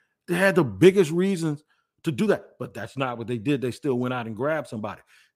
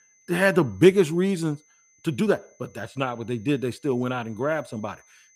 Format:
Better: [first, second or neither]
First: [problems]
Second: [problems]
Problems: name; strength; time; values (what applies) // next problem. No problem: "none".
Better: first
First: none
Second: high-pitched whine; faint; throughout; 6 kHz, 35 dB below the speech